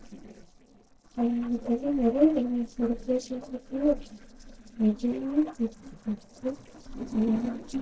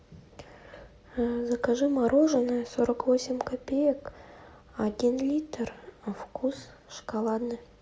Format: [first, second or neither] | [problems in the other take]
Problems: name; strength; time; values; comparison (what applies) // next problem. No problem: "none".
second | noise reduction (neural separator model SepFormer DNS4)